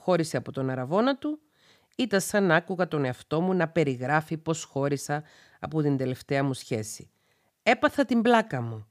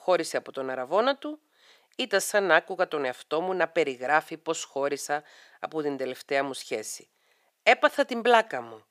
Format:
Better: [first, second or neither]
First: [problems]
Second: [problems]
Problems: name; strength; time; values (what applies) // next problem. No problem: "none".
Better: first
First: none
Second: thin; somewhat; fading below 500 Hz